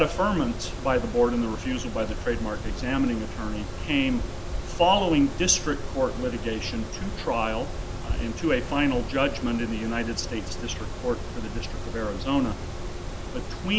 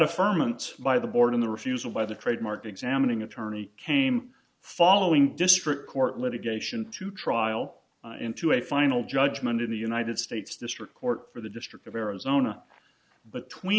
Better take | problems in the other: second | background sound (Mechanisms); 5 dB below the speech

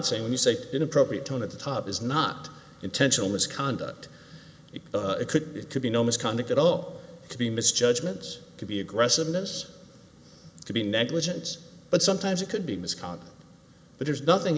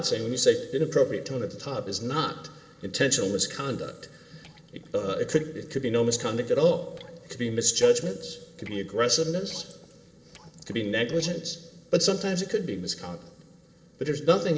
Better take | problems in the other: first | noise reduction (neural separator model SepFormer DNS4)

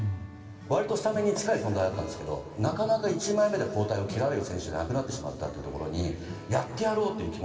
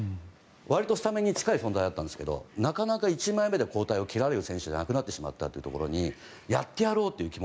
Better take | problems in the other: second | background sound (Acoustic guitar / Strum); 17 dB below the speech // room echo; dies away in 2.4 s

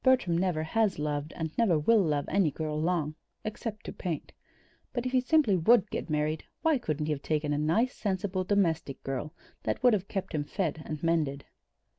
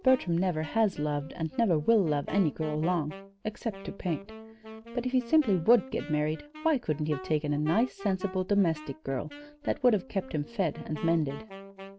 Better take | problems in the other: first | background sound (Wind instrument, woodwind instrument); 16 dB below the speech

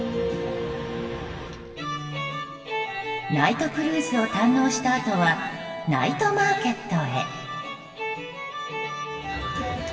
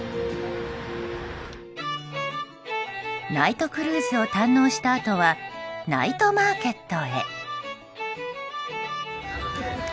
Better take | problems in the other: second | room echo; dies away in 2.8 s

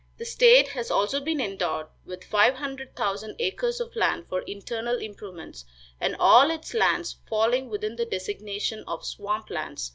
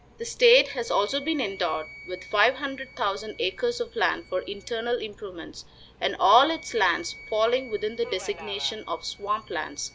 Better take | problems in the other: first | background sound (Subway, metro, underground + Wind instrument, woodwind instrument); 20 dB below the speech

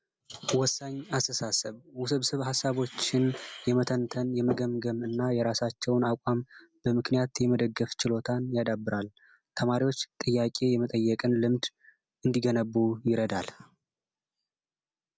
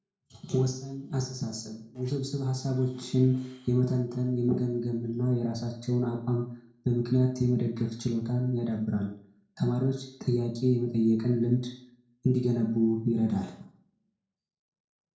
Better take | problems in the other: first | noise reduction (neural separator model SepFormer DNS4)

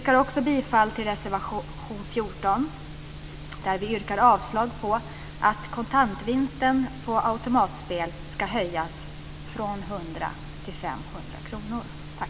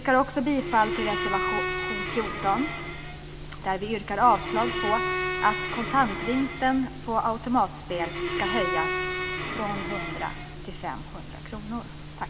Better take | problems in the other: first | background sound (Bowed string instrument); 4 dB below the speech

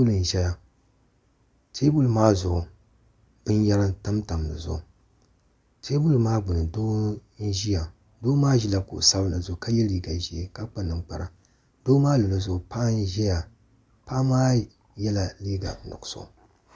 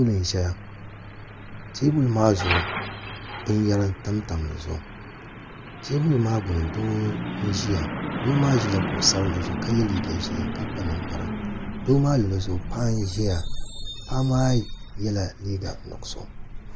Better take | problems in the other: first | background sound (Truck); 6 dB below the speech

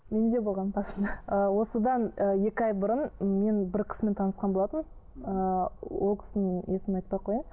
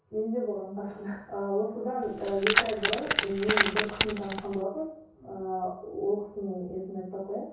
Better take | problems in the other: first | background sound (Keys jangling); 2 dB above the speech // room echo; dies away in 0.6 s

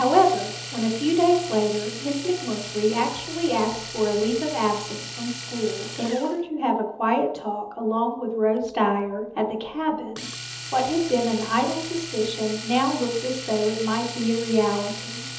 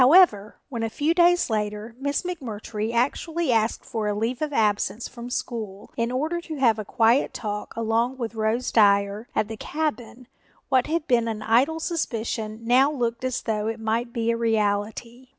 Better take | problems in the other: second | background sound (Domestic sounds, home sounds); 12 dB below the speech // room echo; dies away in 1.2 s

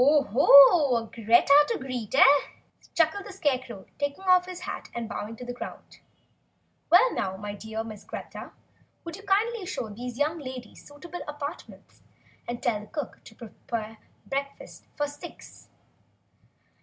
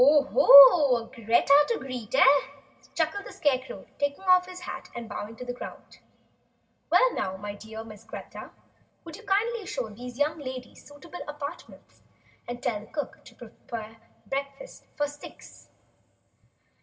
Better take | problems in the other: first | room echo; dies away in 0.3 s

